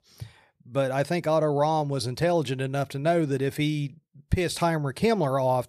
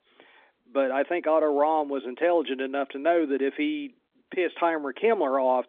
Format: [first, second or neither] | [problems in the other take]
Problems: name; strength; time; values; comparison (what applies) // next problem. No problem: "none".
first | phone-call audio; nothing above 3.5 kHz